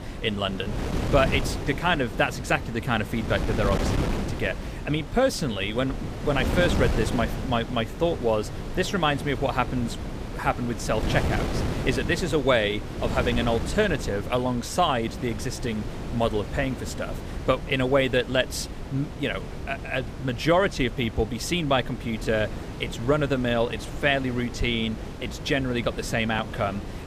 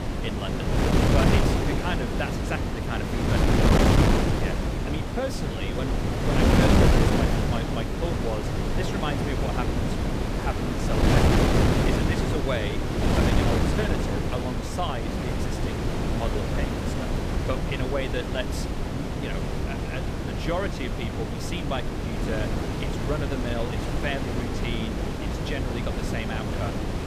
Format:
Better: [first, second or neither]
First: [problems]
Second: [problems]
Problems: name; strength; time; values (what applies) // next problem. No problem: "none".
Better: first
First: wind noise on the microphone; occasional gusts; 10 dB below the speech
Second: wind noise on the microphone; heavy; 4 dB above the speech